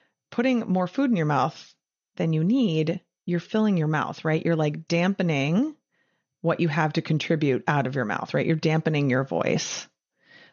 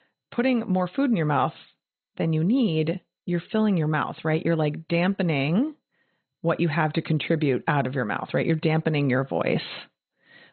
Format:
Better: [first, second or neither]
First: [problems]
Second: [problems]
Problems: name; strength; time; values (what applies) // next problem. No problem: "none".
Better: first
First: garbled, watery; slightly; nothing above 6.5 kHz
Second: garbled, watery; badly; nothing above 4 kHz